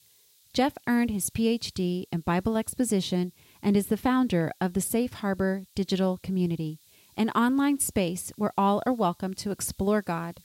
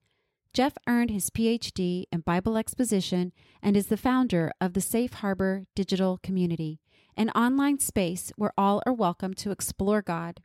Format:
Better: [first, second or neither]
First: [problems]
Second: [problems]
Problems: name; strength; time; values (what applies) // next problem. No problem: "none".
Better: second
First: hiss; faint; throughout; 30 dB below the speech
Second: none